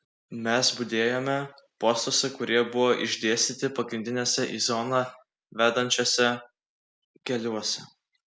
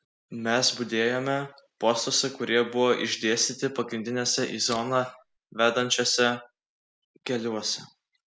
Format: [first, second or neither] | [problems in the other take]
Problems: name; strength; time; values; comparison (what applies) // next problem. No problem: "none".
first | background sound (Camera); 18 dB below the speech